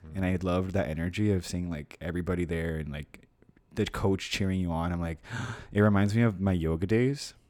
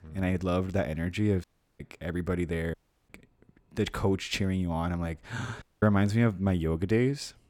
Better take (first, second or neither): first